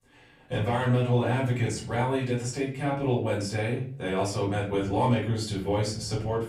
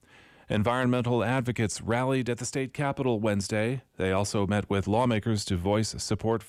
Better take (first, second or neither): second